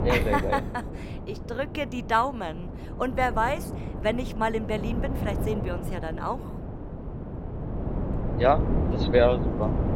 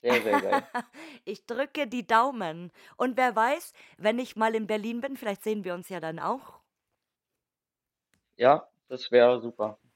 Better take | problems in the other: second | wind noise on the microphone; occasional gusts; 10 dB below the speech

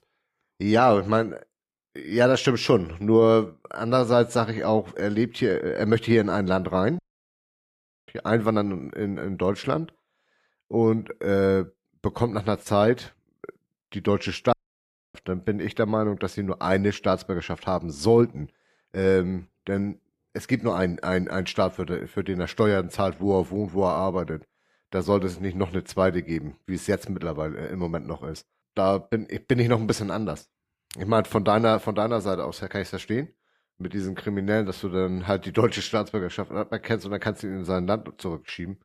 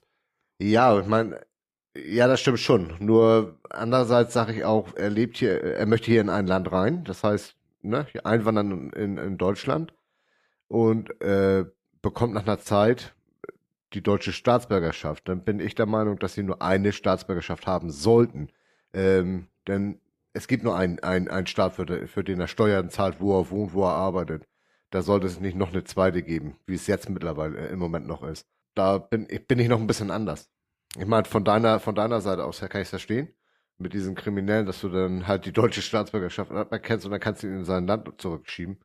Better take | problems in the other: second | audio cutting out; at 7 s for 1 s and at 15 s for 0.5 s

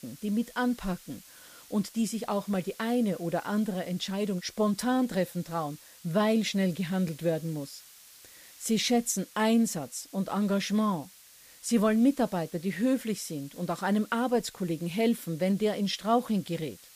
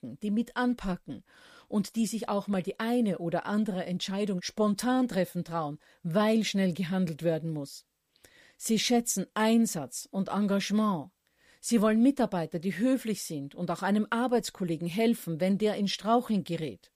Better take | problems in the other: second | hiss; faint; throughout; 20 dB below the speech

